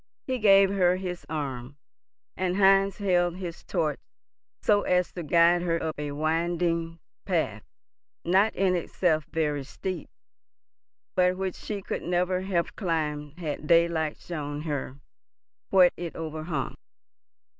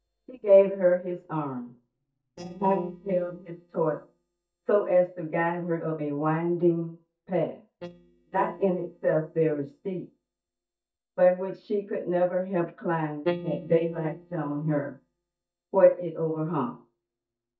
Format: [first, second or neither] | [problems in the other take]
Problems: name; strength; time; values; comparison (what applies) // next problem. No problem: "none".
first | noise reduction (neural mask model DeepFilterNet 3)